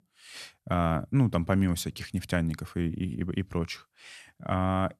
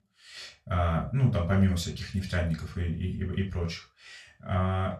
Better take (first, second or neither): first